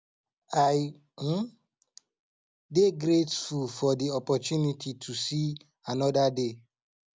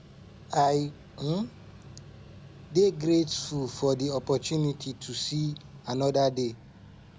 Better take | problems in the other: first | background sound (Mechanical fan); 19 dB below the speech

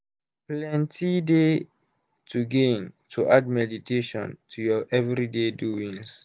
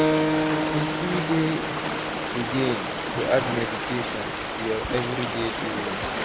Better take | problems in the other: first | background sound (Keyboard (musical) + Stream); 3 dB above the speech

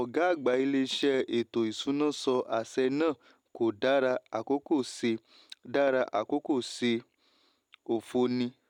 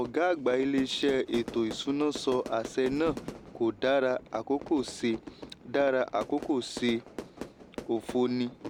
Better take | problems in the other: first | background sound (Fire / Fireworks); 14 dB below the speech

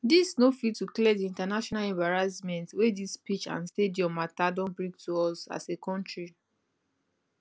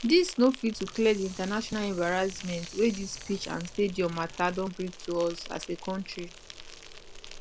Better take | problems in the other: first | background sound (Insect + Hiss); 14 dB below the speech

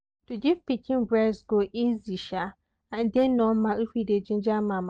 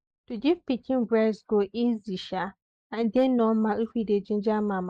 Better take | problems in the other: first | noise reduction (neural mask model Resemble Enhance denoiser)

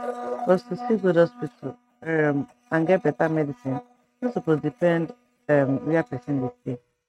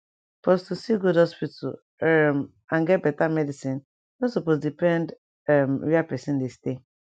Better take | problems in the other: second | noise reduction (neural mask model RNNoise)

